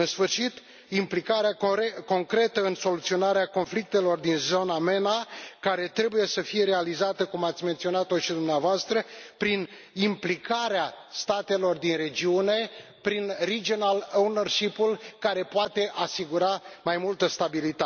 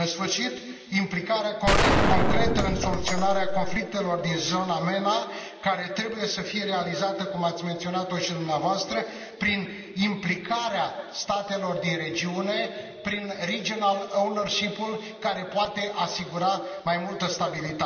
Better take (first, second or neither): first